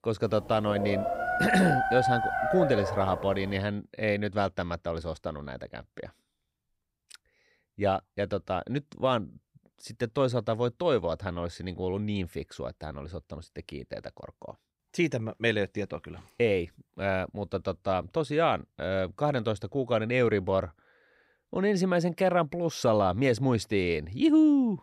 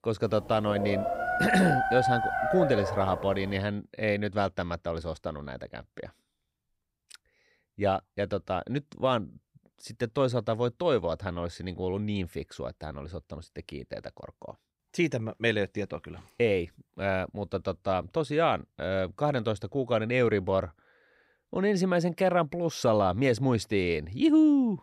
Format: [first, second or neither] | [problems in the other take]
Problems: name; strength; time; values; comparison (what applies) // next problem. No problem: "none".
neither | dog barking; loud; from 0.5 to 3.5 s; peak 2 dB above the speech; the same in both